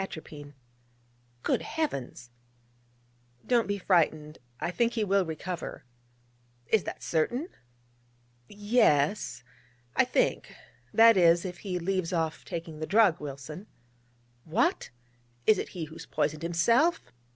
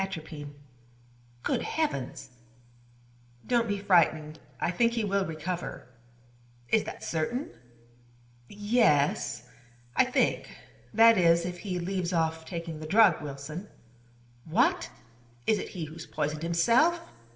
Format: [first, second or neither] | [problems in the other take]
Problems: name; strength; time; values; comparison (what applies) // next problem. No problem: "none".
first | room echo; dies away in 0.8 s